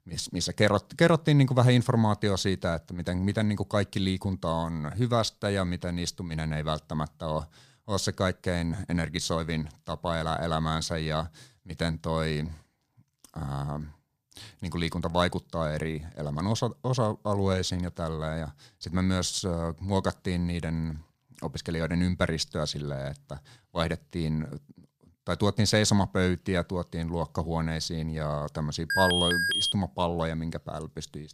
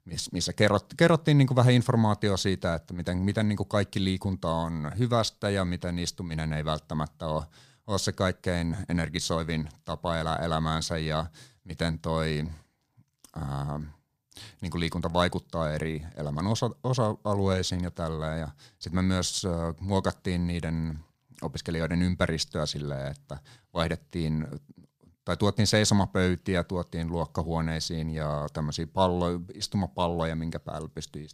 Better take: second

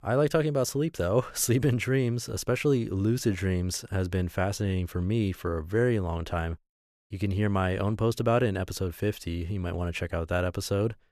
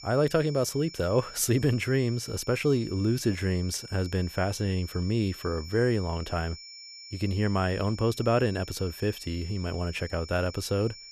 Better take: first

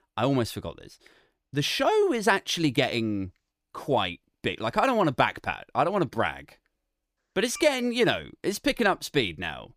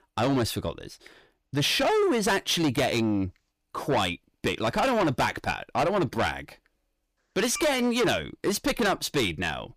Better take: first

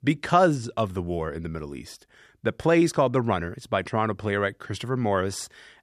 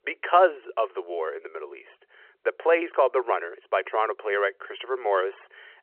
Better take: first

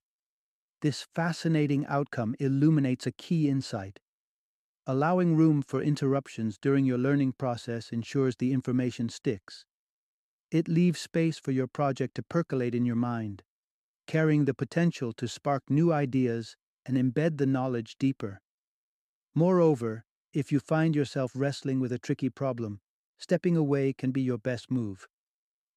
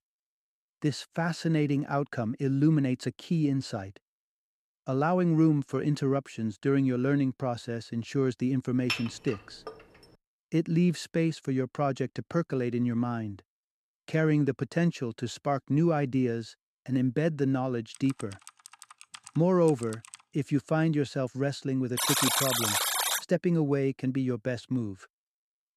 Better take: first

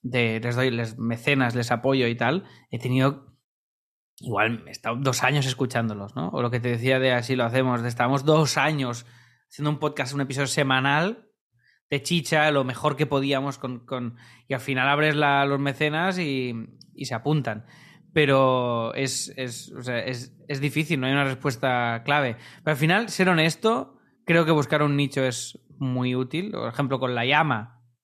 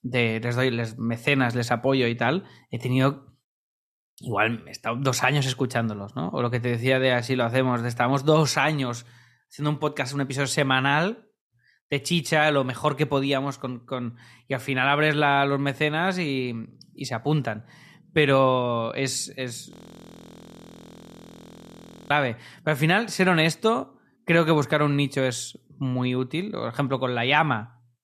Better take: first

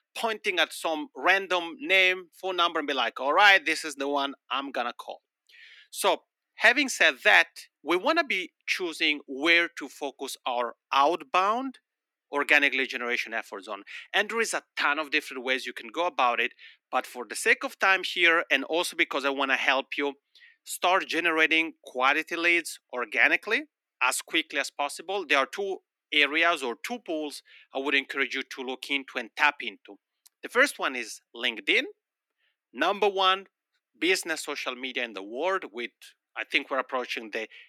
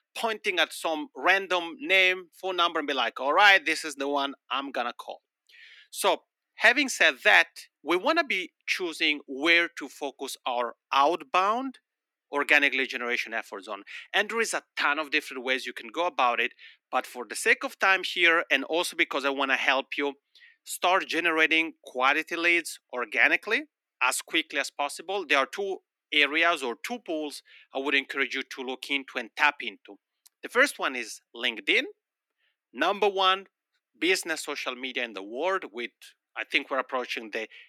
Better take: neither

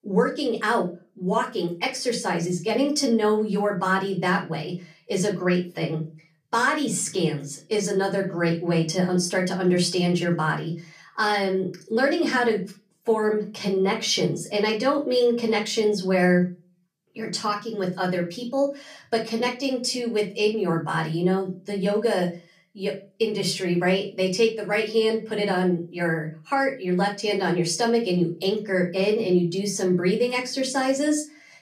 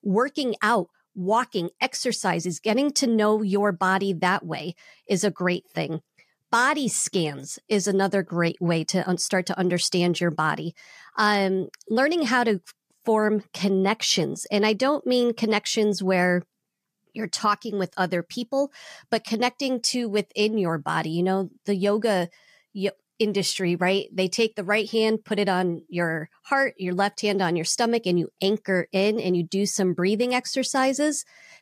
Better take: second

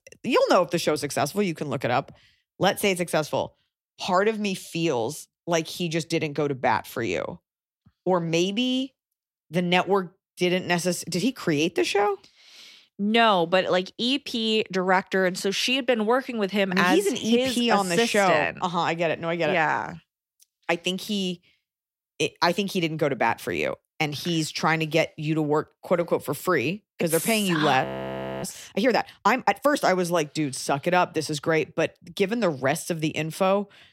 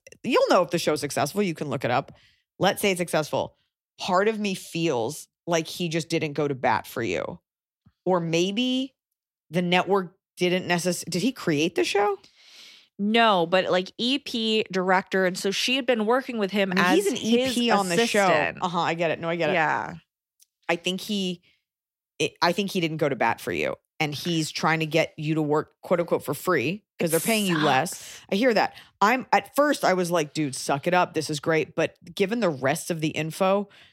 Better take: second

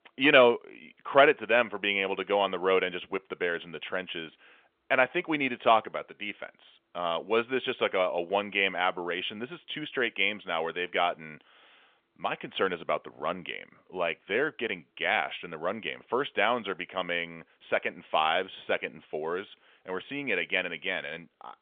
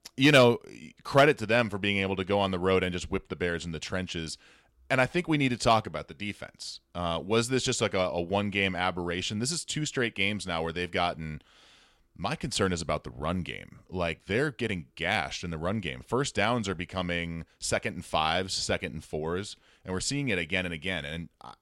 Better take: second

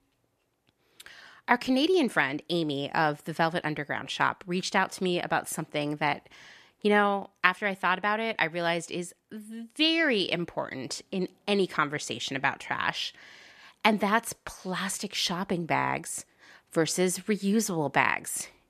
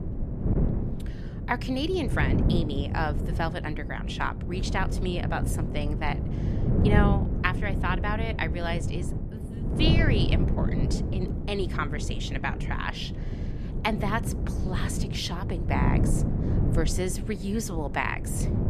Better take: first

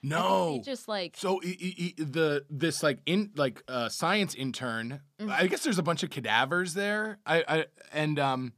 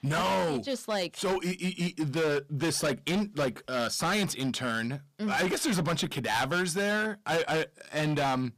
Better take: first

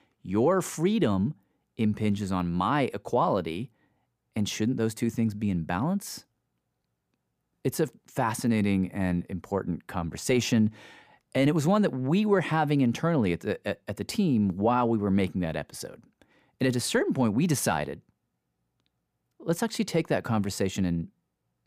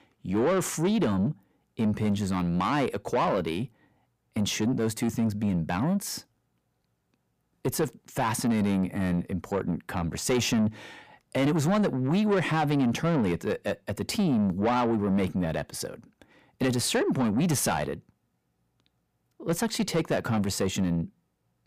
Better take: first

